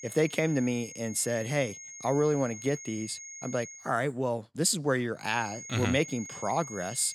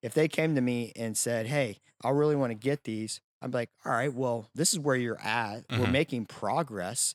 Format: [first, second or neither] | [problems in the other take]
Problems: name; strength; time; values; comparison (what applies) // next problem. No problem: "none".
second | high-pitched whine; noticeable; until 4 s and from 5.5 s on; 6.5 kHz, 10 dB below the speech